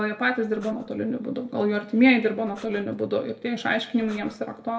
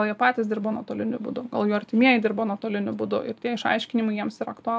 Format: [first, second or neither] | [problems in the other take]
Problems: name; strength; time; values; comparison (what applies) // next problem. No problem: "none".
second | noise reduction (neural separator model SepFormer DNS4)